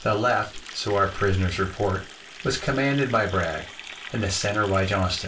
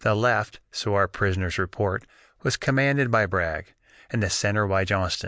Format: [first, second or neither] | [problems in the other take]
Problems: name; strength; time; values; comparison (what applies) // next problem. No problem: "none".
second | background sound (Water tap, faucet); 16 dB below the speech // room echo; dies away in 0.2 s